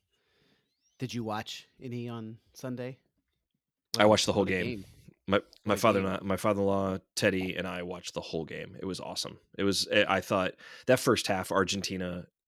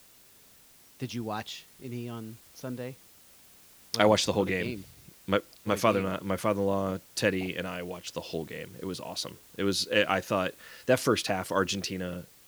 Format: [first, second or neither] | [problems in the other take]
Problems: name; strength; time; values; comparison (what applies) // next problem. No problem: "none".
first | hiss; faint; throughout; 25 dB below the speech